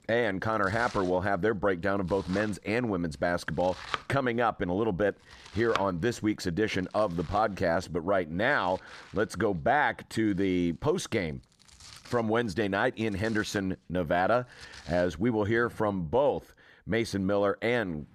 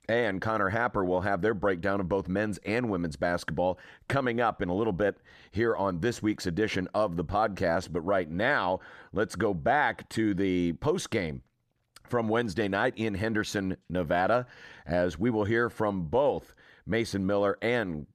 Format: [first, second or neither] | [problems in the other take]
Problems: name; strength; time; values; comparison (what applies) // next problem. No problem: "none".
second | household noises; noticeable; throughout; 15 dB below the speech